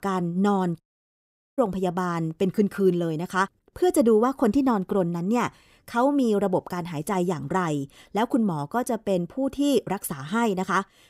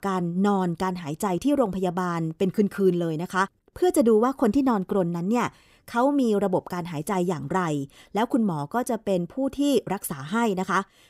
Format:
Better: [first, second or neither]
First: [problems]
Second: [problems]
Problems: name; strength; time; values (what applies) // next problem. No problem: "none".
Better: second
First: audio cutting out; at 1 s for 1 s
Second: none